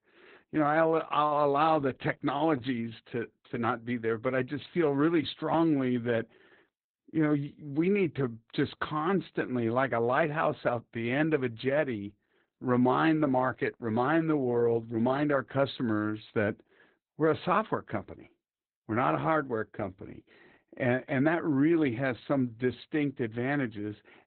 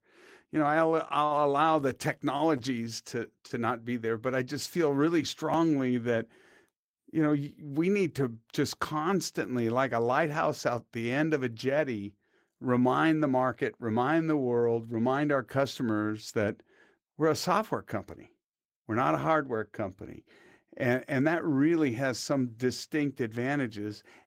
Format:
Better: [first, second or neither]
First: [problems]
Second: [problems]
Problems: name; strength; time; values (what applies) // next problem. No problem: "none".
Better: second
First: garbled, watery; badly; nothing above 4 kHz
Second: garbled, watery; slightly; nothing above 16 kHz